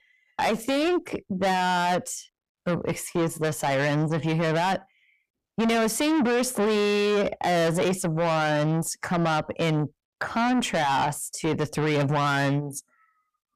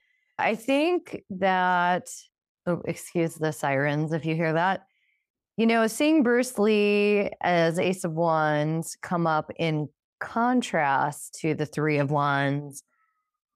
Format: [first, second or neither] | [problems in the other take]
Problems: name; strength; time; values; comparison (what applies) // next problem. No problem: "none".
second | distortion; heavy; 7 dB below the speech